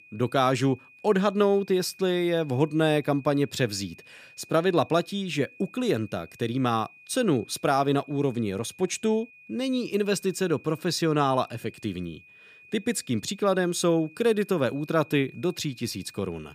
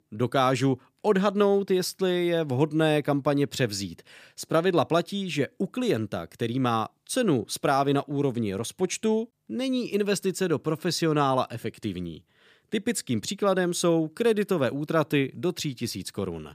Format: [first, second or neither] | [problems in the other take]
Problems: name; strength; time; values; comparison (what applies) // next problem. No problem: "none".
second | high-pitched whine; faint; throughout; 2.5 kHz, 25 dB below the speech